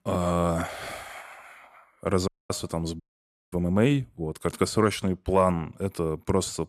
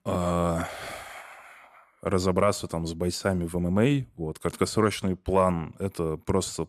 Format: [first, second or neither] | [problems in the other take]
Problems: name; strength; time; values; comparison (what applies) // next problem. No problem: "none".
second | audio cutting out; at 2.5 s and at 3 s for 0.5 s